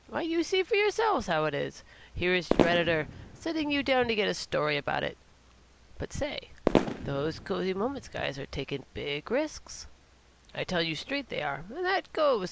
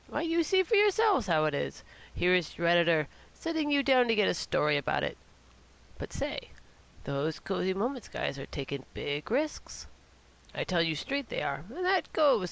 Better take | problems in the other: second | background sound (Fireworks); 1 dB below the speech

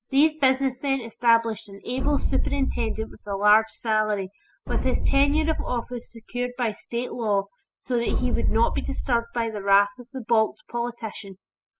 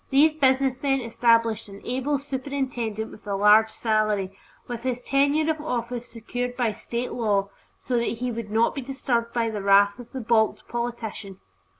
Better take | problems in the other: second | noise reduction (classical method spectral subtraction)

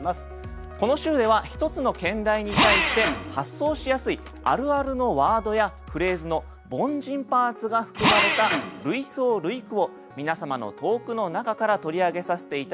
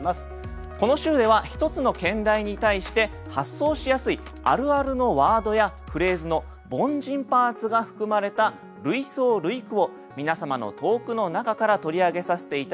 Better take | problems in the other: second | background sound (Drill); 1 dB below the speech

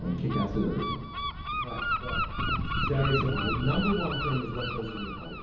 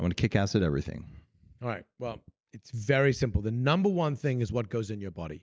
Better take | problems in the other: second | background sound (Gull, seagull); as loud as the speech // room echo; dies away in 2.2 s

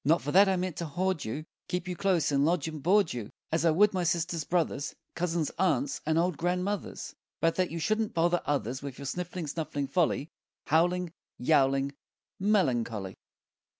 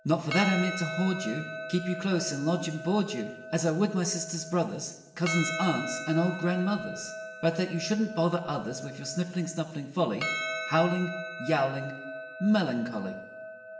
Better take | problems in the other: first | background sound (Percussion); 8 dB below the speech // room echo; dies away in 1.1 s

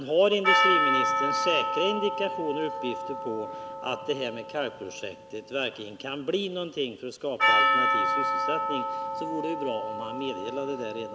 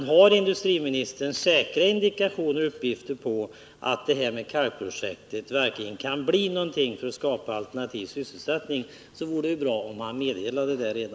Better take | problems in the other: second | background sound (Percussion); 2 dB above the speech

